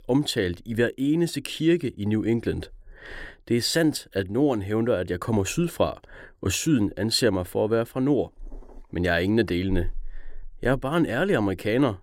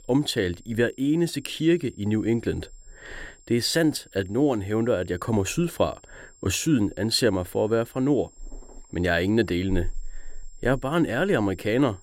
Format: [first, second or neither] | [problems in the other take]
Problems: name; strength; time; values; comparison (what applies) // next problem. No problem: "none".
first | high-pitched whine; faint; throughout; 7.5 kHz, 30 dB below the speech